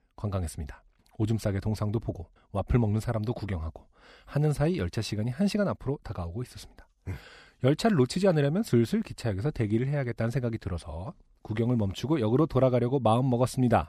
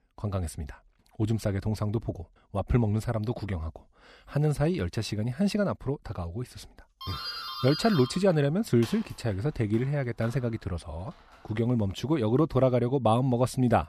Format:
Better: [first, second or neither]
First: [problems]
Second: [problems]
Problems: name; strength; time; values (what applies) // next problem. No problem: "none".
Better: first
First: none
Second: doorbell; noticeable; from 7 to 11 s; peak 6 dB below the speech